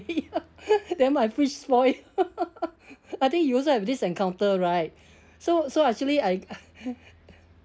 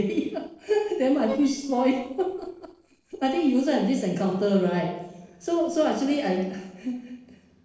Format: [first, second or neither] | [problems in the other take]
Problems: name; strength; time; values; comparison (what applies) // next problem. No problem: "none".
first | noise reduction (neural separator model SepFormer DNS4)